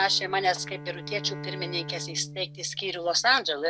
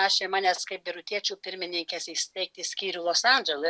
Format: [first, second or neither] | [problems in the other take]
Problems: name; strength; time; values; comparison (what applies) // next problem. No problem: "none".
second | background sound (Bowed string instrument); 12 dB below the speech